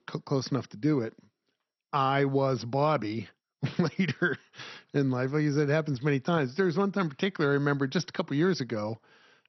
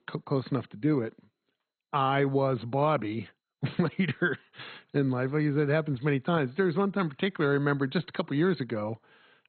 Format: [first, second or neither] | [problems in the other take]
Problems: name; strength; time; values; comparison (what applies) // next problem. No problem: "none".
first | garbled, watery; badly; nothing above 4 kHz; slightly in the first